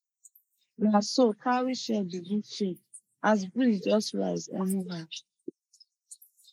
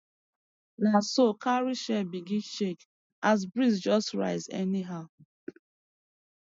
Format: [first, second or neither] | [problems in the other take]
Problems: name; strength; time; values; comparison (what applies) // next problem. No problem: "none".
second | noise reduction (neural mask model Resemble Enhance denoiser)